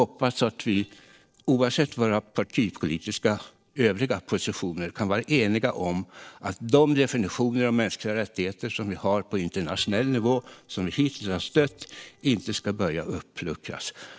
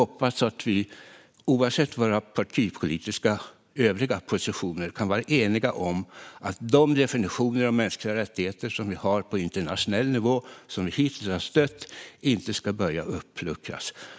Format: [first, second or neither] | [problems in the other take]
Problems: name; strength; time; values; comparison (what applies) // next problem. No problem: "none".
second | noise reduction (neural separator model SepFormer DNS4)